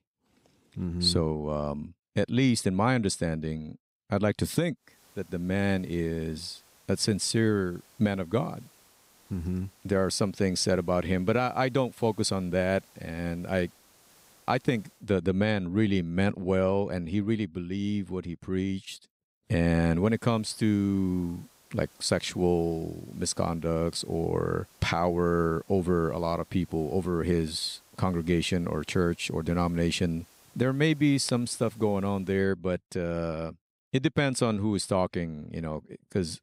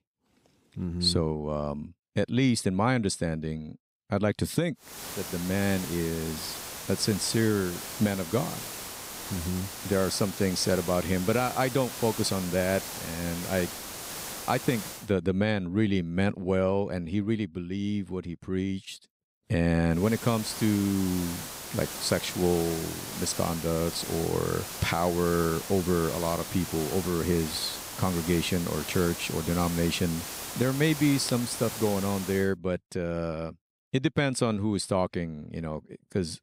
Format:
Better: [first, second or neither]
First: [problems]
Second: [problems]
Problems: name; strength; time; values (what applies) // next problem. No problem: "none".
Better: first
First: hiss; faint; from 5 to 15 s and from 20 to 32 s; 30 dB below the speech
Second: hiss; loud; from 5 to 15 s and from 20 to 32 s; 8 dB below the speech